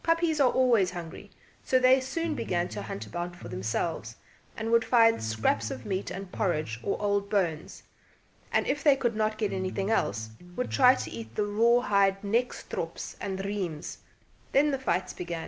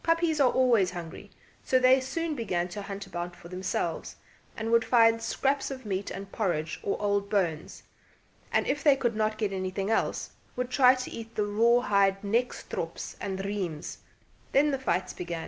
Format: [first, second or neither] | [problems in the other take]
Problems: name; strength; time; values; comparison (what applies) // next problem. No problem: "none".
second | background sound (Electric guitar); 12 dB below the speech